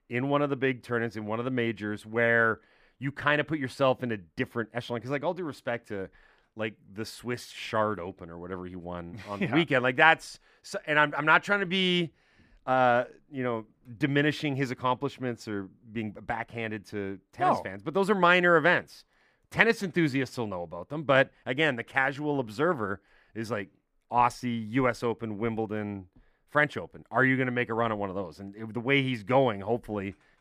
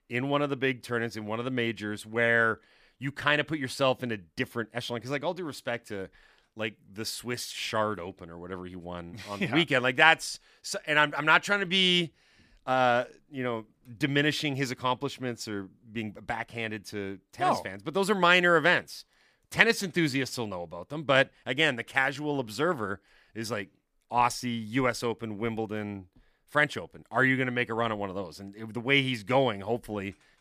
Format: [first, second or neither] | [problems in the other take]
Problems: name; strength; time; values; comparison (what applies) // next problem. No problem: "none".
second | muffled; slightly; fading above 2.5 kHz